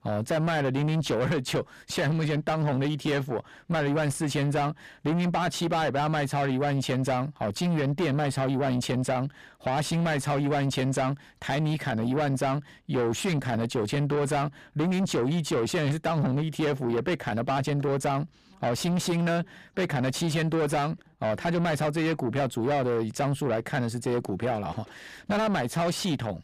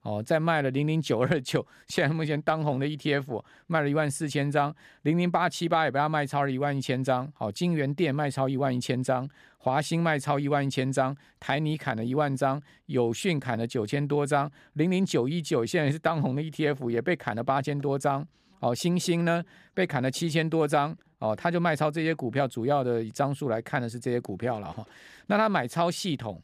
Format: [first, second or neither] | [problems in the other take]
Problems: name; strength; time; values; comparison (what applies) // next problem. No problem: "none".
second | distortion; heavy; 7 dB below the speech